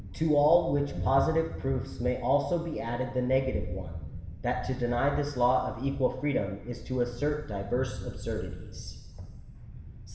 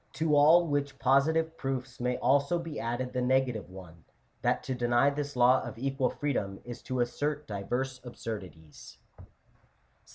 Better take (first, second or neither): second